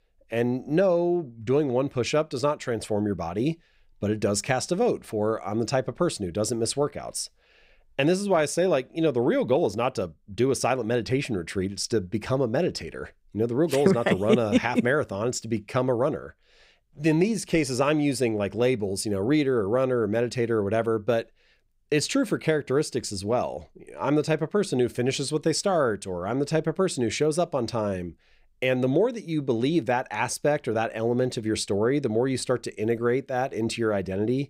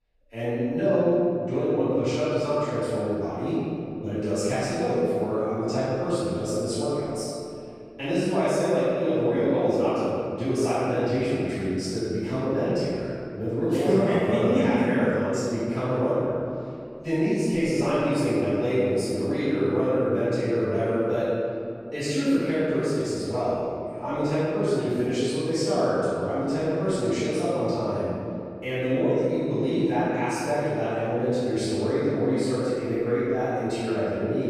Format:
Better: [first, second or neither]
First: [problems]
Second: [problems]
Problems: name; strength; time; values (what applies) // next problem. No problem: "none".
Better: first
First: none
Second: room echo; strong; dies away in 2.5 s // off-mic speech; far